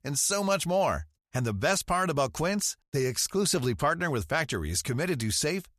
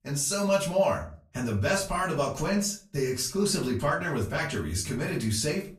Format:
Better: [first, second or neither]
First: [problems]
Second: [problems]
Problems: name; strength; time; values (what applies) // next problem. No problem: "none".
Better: first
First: none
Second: room echo; slight; dies away in 0.3 s // off-mic speech; far